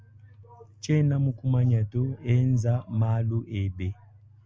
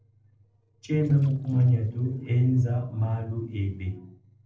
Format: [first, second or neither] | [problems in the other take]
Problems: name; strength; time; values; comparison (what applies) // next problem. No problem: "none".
first | noise reduction (neural separator model SepFormer DNS4)